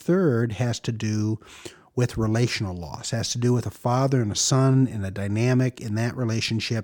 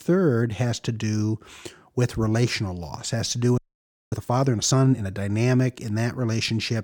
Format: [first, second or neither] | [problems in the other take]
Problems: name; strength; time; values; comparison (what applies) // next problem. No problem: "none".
first | audio freezing; at 3.5 s for 0.5 s